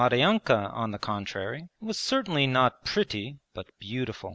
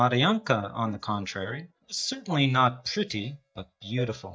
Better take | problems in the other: first | noise reduction (neural mask model DeepFilterNet 3)

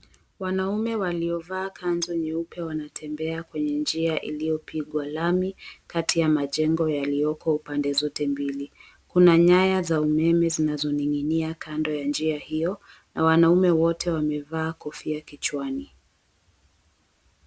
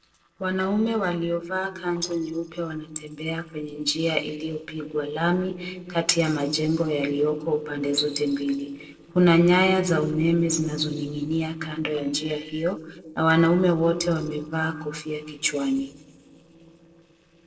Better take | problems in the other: first | noise reduction (neural separator model SepFormer DNS4)

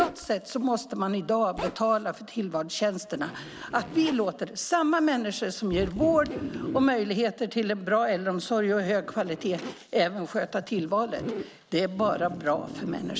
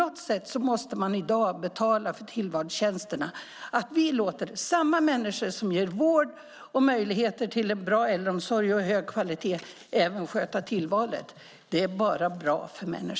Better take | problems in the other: second | background sound (Zipper (clothing)); 13 dB below the speech

